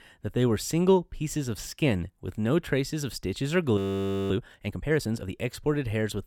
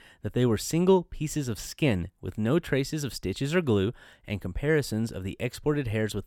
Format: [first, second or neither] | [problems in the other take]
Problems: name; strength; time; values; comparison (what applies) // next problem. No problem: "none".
second | audio freezing; at 4 s for 0.5 s